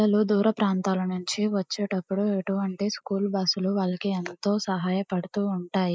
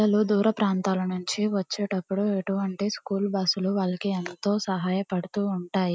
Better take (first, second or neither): second